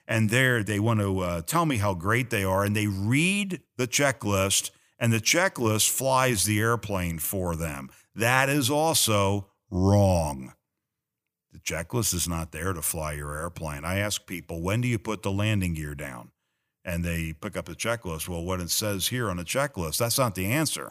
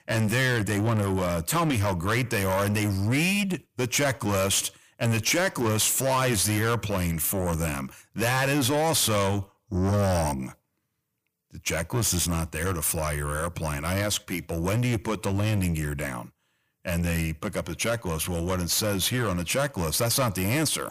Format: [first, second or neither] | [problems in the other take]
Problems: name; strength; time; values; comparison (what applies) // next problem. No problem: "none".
first | distortion; heavy; 7 dB below the speech